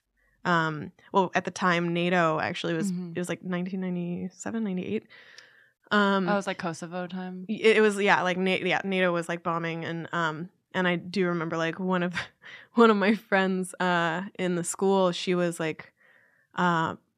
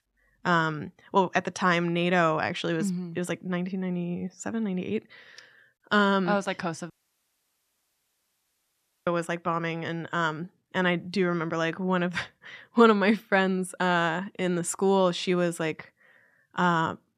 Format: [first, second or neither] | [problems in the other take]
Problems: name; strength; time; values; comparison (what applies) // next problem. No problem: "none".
first | audio cutting out; at 7 s for 2 s